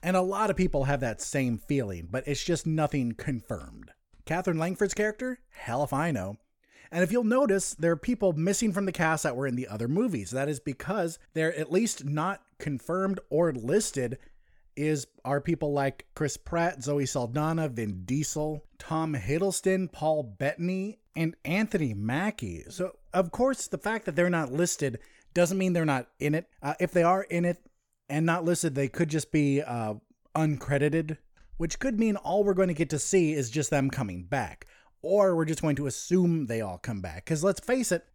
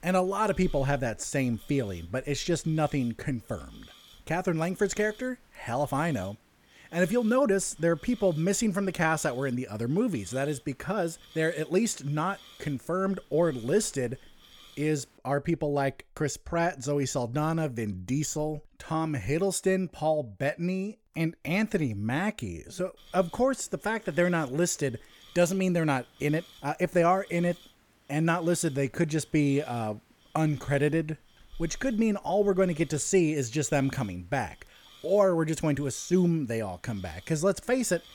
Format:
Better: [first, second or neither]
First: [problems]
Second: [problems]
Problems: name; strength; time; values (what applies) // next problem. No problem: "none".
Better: first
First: none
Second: hiss; faint; until 15 s and from 23 s on; 25 dB below the speech